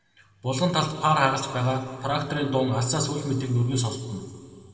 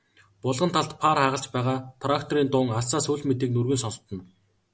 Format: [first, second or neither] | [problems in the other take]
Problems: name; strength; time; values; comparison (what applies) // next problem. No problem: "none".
second | room echo; dies away in 1.9 s